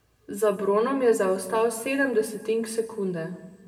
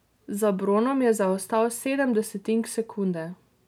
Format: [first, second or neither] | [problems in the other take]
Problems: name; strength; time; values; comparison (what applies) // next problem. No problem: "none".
second | room echo; dies away in 1.1 s